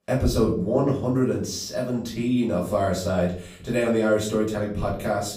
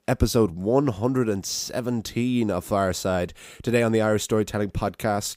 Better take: second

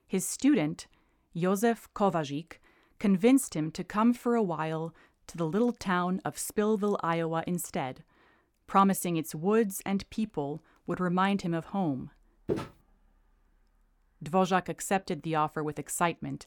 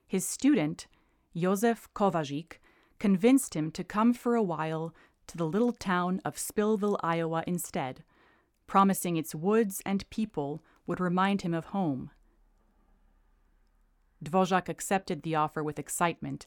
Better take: second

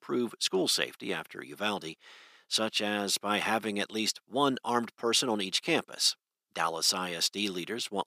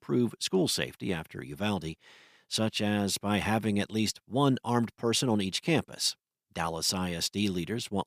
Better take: second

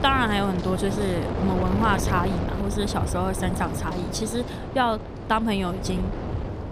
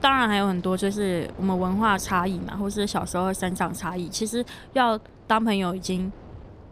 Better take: second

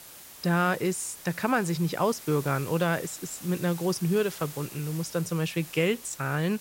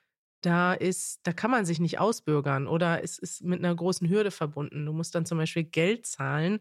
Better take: second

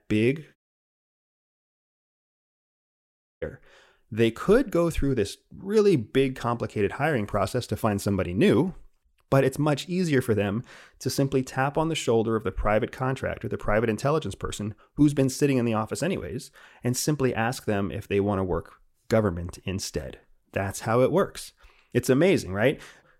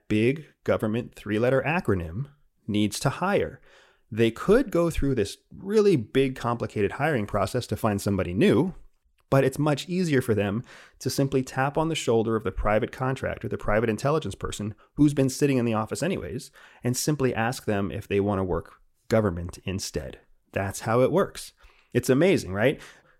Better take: second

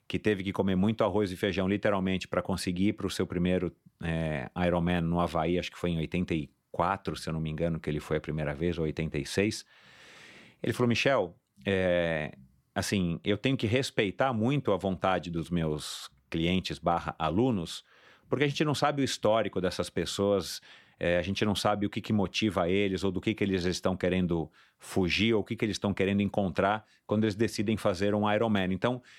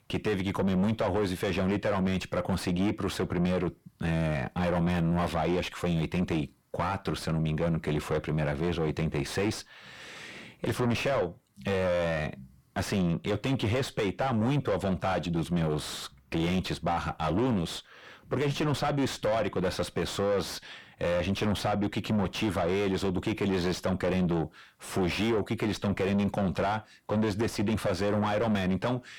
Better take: first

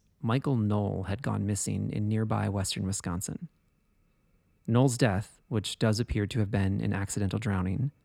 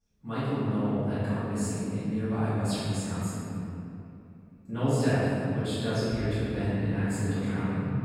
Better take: first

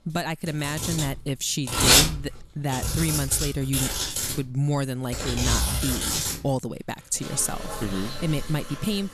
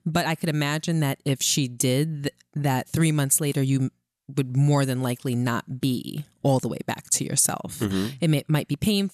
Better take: second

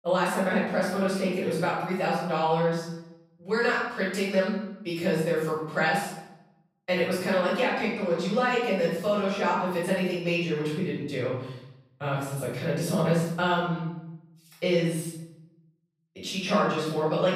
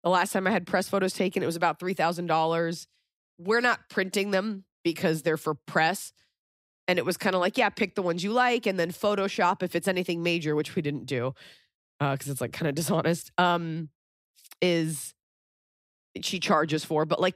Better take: second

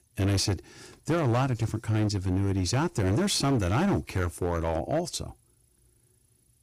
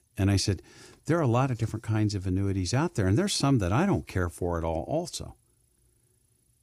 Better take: second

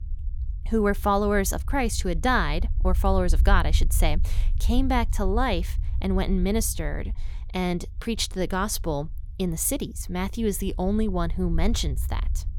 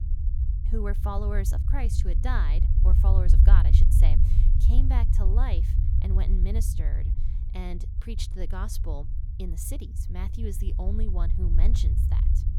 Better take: first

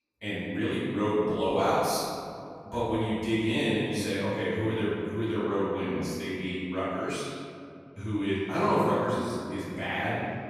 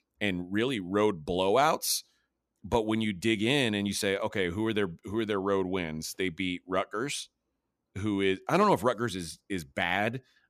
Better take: second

